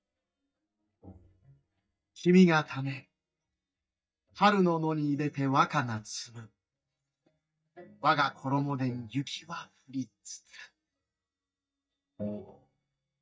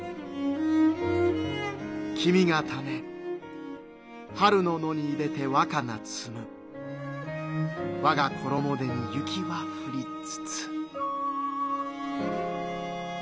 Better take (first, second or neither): second